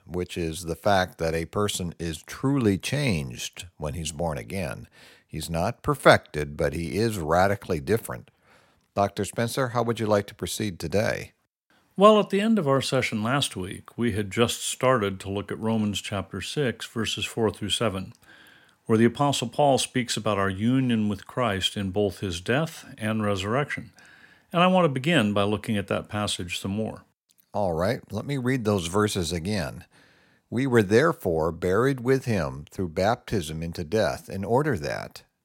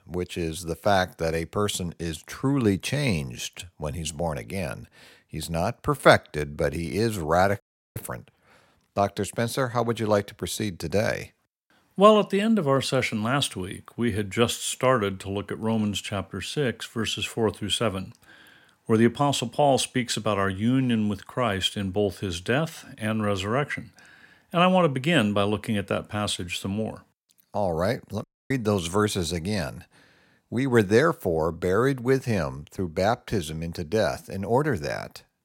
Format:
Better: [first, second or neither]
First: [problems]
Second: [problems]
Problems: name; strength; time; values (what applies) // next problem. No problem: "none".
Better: first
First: none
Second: audio cutting out; at 7.5 s and at 28 s